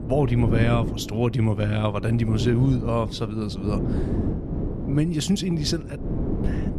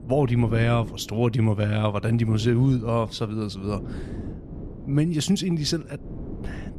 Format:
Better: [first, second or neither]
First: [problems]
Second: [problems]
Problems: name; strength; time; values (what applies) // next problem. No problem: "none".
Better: second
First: wind noise on the microphone; heavy; 8 dB below the speech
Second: wind noise on the microphone; occasional gusts; 15 dB below the speech